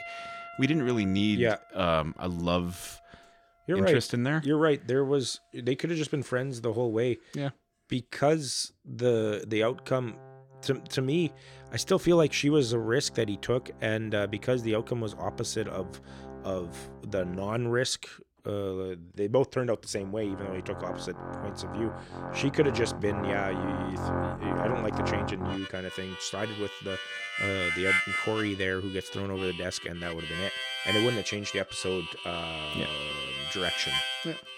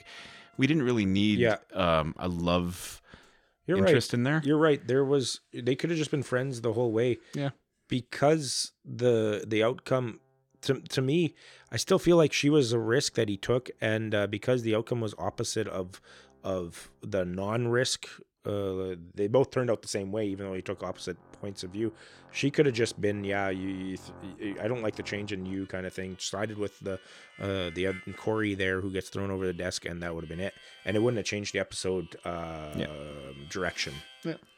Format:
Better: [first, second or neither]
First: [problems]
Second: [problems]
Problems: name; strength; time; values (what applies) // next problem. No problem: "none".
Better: second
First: background music; loud; throughout; 4 dB below the speech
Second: background music; faint; throughout; 25 dB below the speech